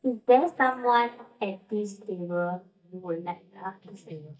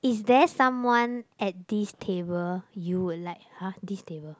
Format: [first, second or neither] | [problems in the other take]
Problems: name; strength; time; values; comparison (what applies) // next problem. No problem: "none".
second | noise reduction (neural mask model DeepFilterNet 3)